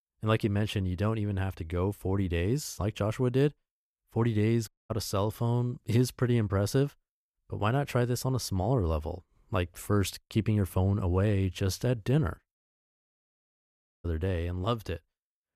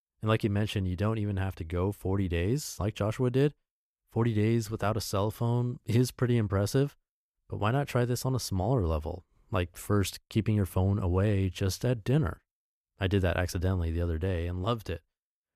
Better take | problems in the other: second | audio cutting out; at 4.5 s and at 13 s for 1.5 s

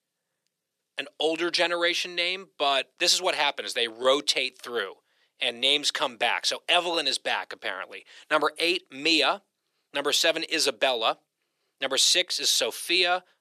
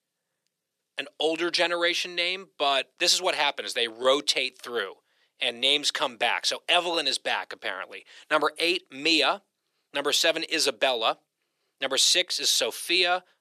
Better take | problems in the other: neither | thin; very; fading below 450 Hz; the same in both

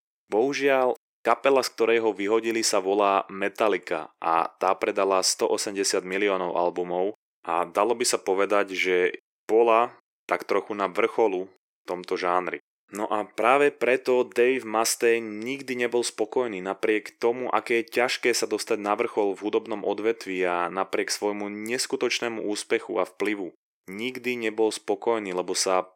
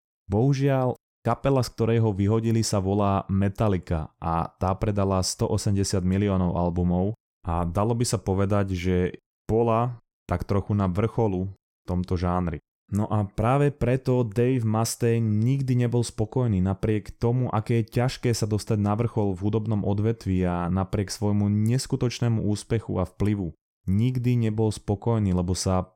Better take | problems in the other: second | thin; very; fading below 350 Hz

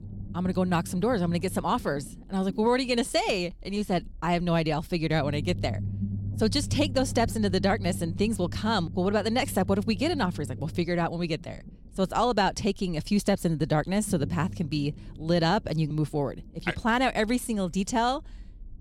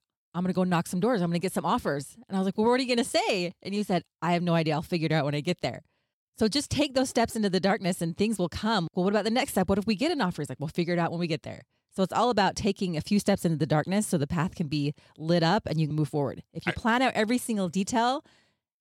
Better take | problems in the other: second | low rumble; faint; throughout; 20 dB below the speech

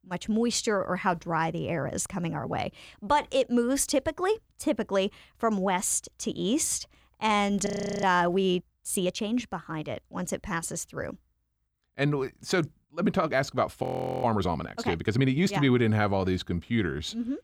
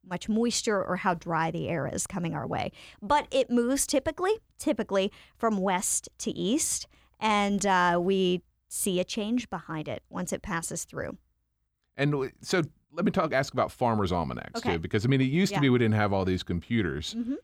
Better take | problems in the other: second | audio freezing; at 7.5 s and at 14 s

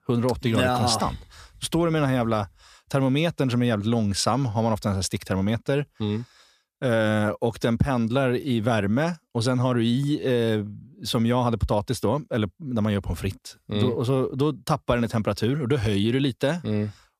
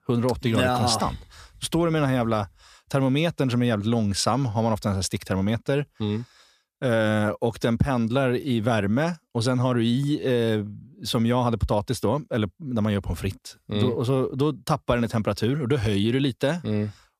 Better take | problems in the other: neither | none

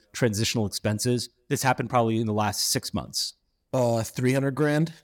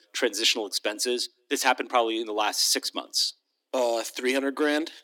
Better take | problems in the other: first | thin; somewhat; fading below 250 Hz

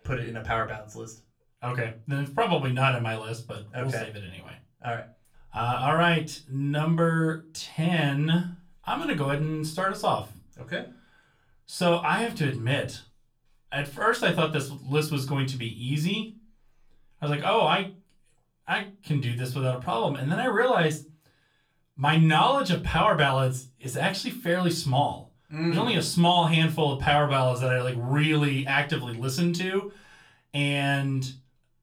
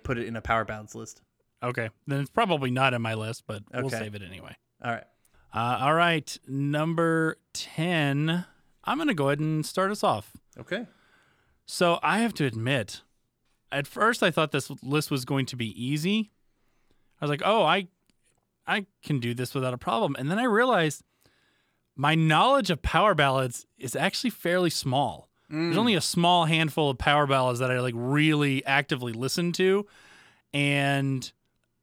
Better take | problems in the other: second | off-mic speech; far // room echo; very slight; dies away in 0.2 s

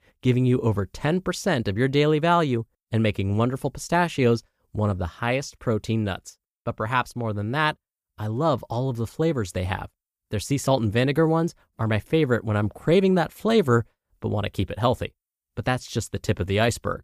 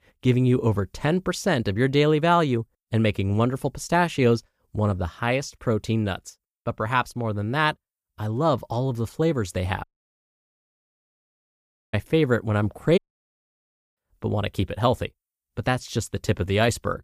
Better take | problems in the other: first | audio cutting out; at 10 s for 2 s and at 13 s for 1 s

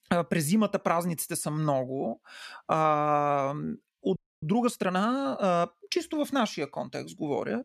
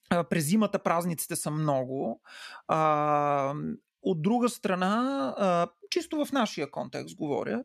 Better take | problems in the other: second | audio freezing; at 4 s

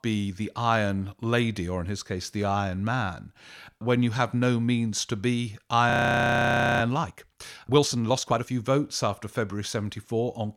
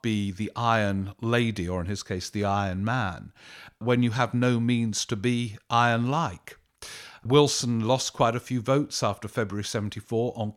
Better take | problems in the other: second | audio freezing; at 6 s for 1 s

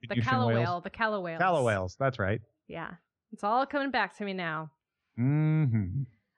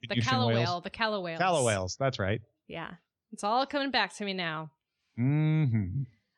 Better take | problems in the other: second | muffled; slightly; fading above 3 kHz

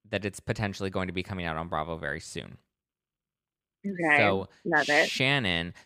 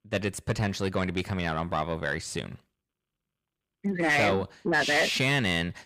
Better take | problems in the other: first | distortion; heavy; 8 dB below the speech

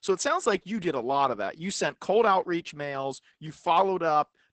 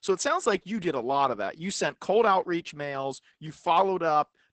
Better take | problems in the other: neither | garbled, watery; badly; nothing above 8 kHz; the same in both

